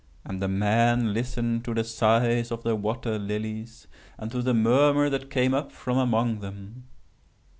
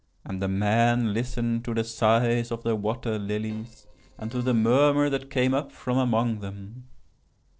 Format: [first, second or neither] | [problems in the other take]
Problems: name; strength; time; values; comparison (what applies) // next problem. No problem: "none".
first | noise reduction (neural separator model SepFormer DNS4)